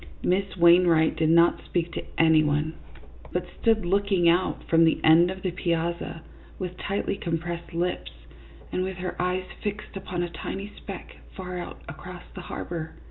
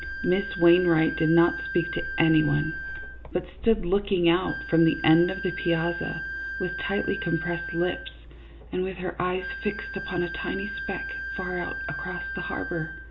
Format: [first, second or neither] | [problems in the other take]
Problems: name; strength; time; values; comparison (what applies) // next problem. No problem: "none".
first | background sound (Wind instrument, woodwind instrument); 9 dB below the speech